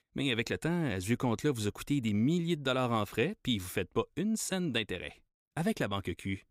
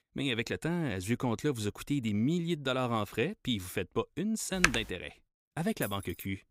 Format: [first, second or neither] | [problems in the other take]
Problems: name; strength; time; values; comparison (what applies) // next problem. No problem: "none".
first | keyboard typing; loud; at 4.5 s; peak 4 dB above the speech // jangling keys; faint; at 6 s; peak 10 dB below the speech